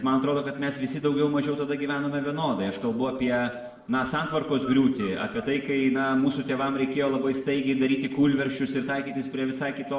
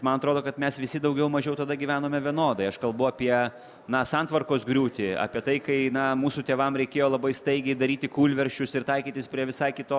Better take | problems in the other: second | noise reduction (neural separator model SepFormer DNS4)

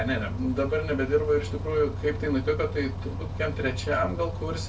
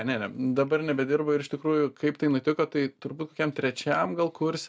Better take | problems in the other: second | background sound (Bus); 5 dB below the speech // room echo; dies away in 0.2 s

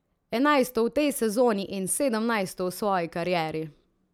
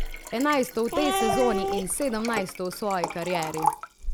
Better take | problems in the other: first | background sound (Liquid + Cat); 2 dB below the speech

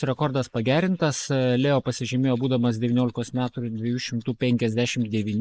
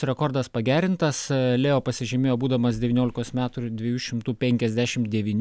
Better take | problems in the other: second | noise reduction (neural mask model Resemble Enhance denoiser)

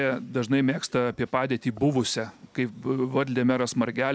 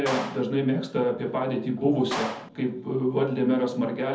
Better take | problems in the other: first | background sound (Clapping); 13 dB below the speech // room echo; dies away in 0.7 s

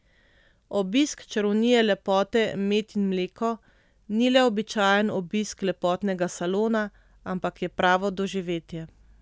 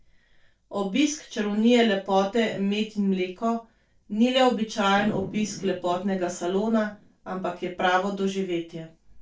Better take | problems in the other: first | noise reduction (neural separator model SepFormer DNS4)

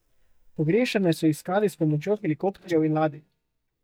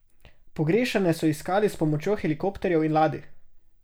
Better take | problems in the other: second | noise reduction (neural mask model DeepFilterNet 3)

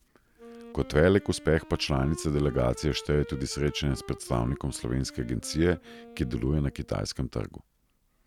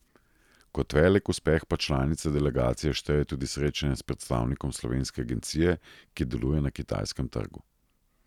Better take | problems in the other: second | background sound (Wind instrument, woodwind instrument); 19 dB below the speech

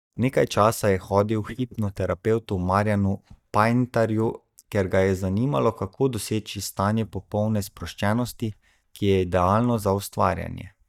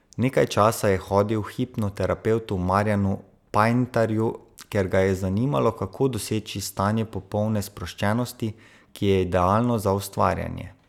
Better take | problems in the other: second | noise reduction (neural mask model DeepFilterNet 3)

